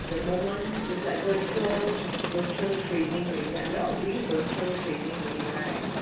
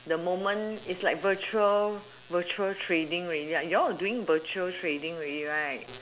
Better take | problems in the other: second | background sound (Crowd); 2 dB below the speech // room echo; dies away in 0.6 s

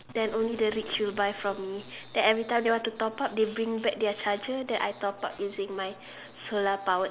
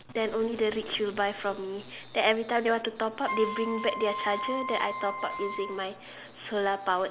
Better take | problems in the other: first | background sound (Wind instrument, woodwind instrument); 6 dB below the speech

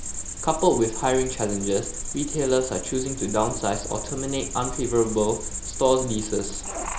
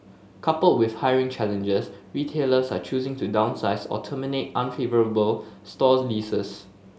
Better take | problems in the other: second | background sound (Cricket); 6 dB below the speech

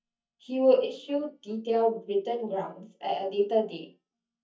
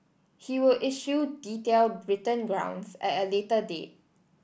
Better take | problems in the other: second | noise reduction (neural mask model DeepFilterNet 3)

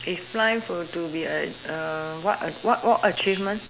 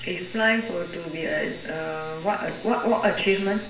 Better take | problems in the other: first | room echo; dies away in 0.7 s

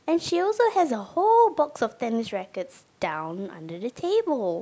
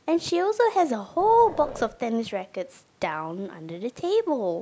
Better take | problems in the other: first | background sound (Growling); 15 dB below the speech

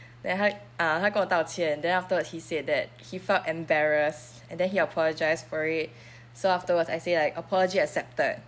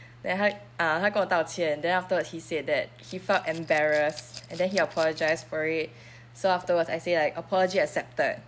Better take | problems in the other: first | background sound (Rattle / Glass); 19 dB below the speech

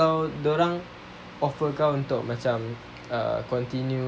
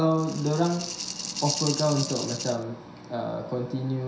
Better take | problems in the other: first | background sound (Rattle (instrument)); 7 dB below the speech // room echo; dies away in 0.7 s

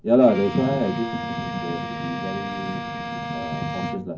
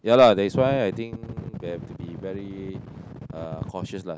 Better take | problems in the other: second | background sound (Bowed string instrument); 8 dB below the speech // room echo; dies away in 0.3 s

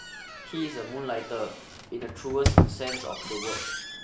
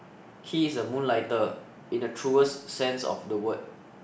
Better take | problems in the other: second | background sound (Squeak); 5 dB above the speech

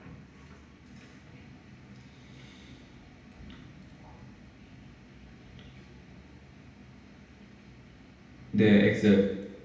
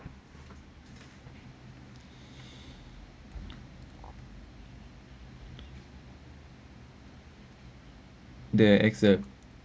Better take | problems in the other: second | room echo; dies away in 0.9 s

